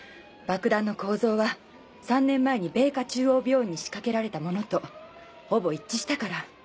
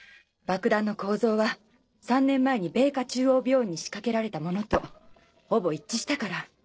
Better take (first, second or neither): first